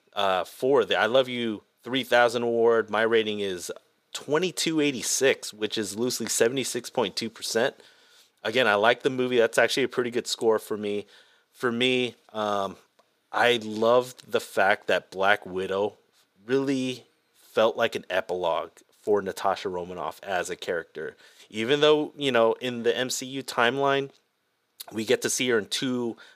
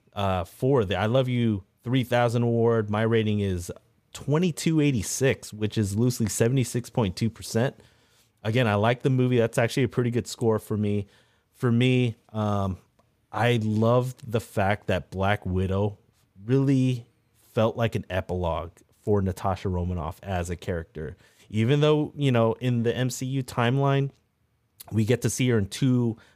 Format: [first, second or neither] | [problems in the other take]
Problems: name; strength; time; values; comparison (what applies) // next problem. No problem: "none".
second | thin; somewhat; fading below 400 Hz